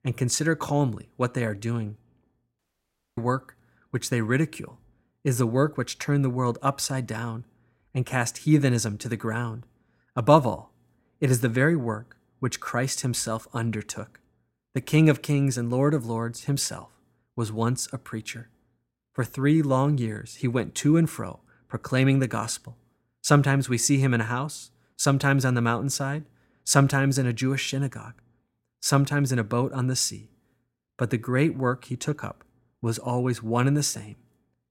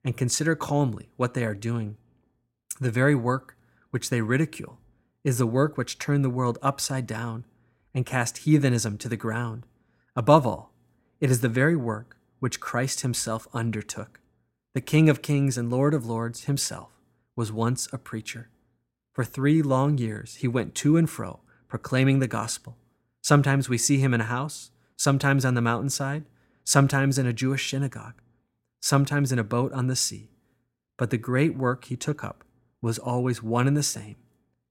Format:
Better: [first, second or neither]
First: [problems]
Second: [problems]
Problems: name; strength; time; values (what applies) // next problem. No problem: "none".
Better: second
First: audio cutting out; at 2.5 s for 0.5 s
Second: none